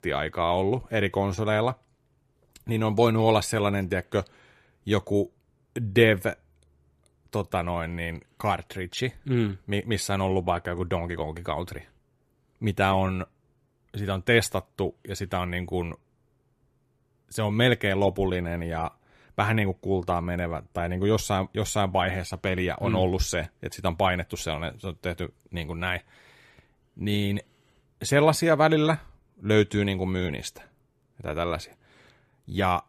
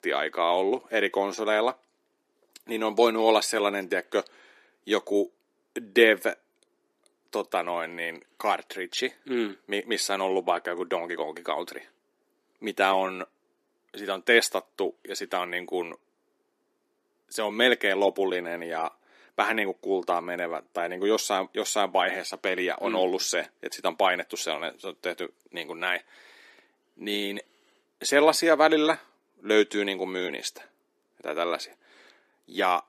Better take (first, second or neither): first